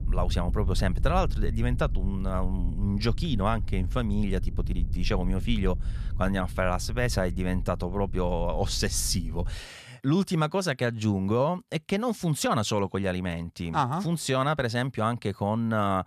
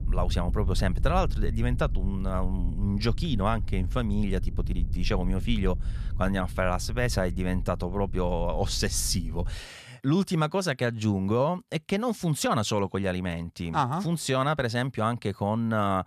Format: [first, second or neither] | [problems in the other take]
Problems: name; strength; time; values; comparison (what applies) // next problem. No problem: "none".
neither | low rumble; faint; until 9.5 s; 20 dB below the speech; the same in both